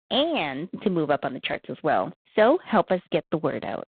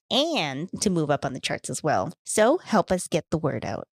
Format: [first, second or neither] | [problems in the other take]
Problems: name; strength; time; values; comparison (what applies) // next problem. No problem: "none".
second | phone-call audio; poor line